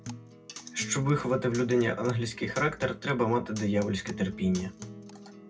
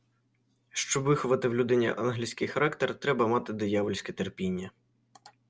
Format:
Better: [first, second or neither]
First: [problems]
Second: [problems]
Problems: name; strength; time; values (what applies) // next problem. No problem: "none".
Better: second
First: background sound (Acoustic guitar); 14 dB below the speech // room echo; dies away in 0.4 s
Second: none